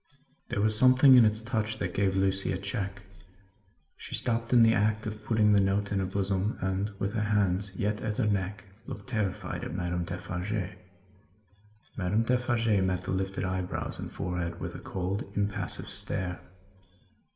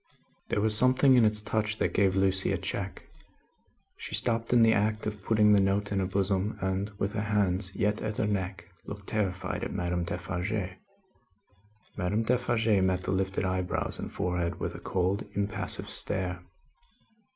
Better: second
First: room echo; dies away in 1.9 s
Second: none

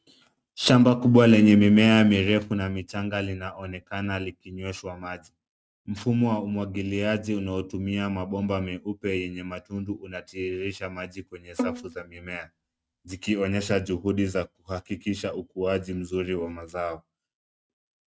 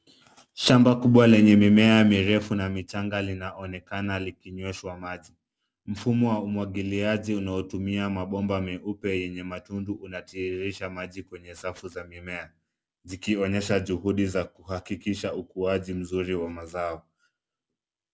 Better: second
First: noise reduction (neural mask model RNNoise)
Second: none

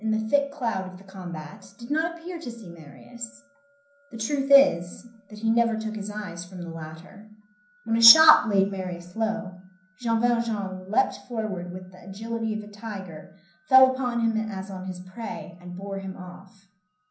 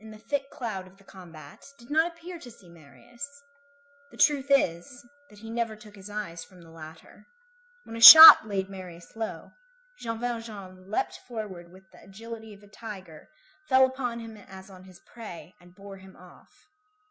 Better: second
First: room echo; dies away in 0.6 s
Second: none

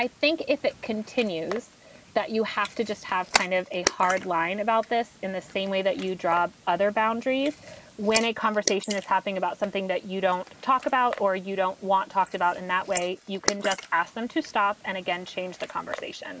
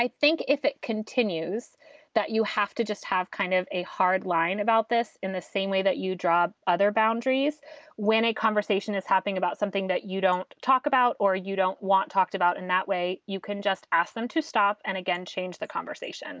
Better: second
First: noise reduction (neural mask model Resemble Enhance denoiser)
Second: none

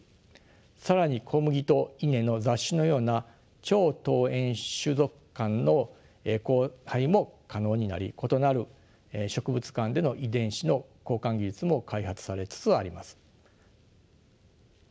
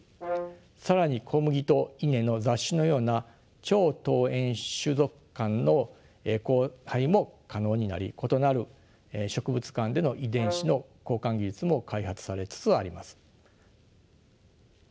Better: first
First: none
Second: background sound (Brass instrument); 9 dB below the speech

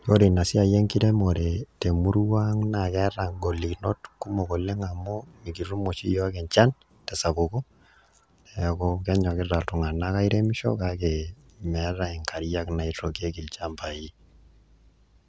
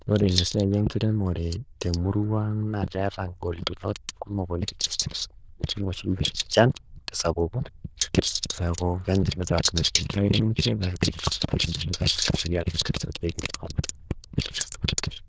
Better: first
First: none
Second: noise reduction (neural diffusion model UNIVERSE++)

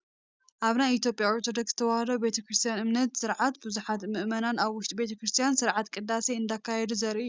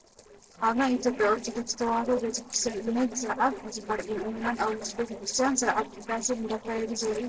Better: first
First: none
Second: noise reduction (neural separator model SepFormer DNS4)

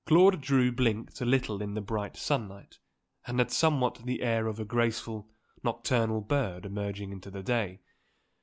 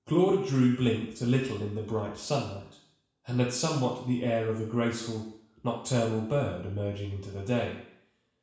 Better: first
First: none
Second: room echo; dies away in 0.7 s

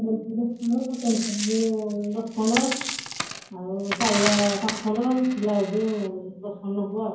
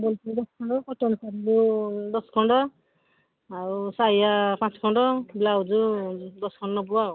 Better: second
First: background sound (Coin (dropping)); 8 dB below the speech // room echo; dies away in 0.9 s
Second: none

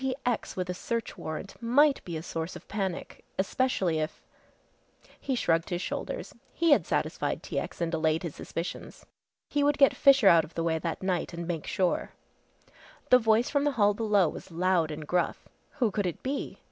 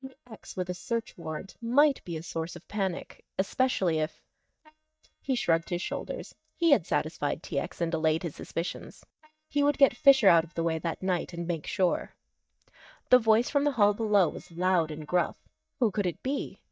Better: first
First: none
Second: noise reduction (neural mask model DeepFilterNet 3)

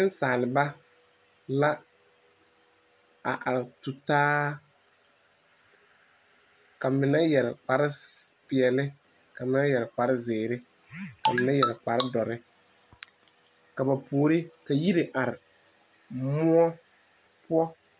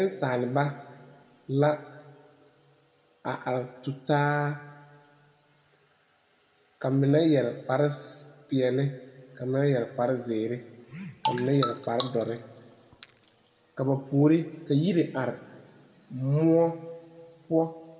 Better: first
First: none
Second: room echo; dies away in 1.3 s

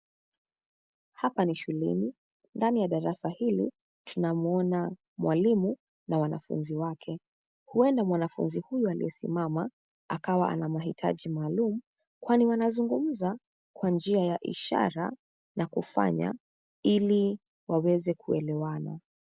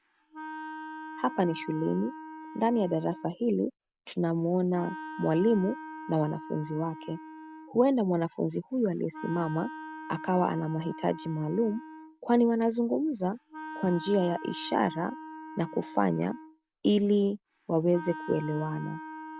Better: first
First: none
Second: background sound (Wind instrument, woodwind instrument); 14 dB below the speech

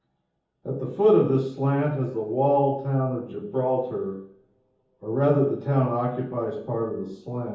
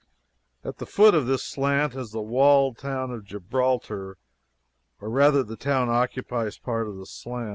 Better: second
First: room echo; dies away in 0.7 s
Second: none

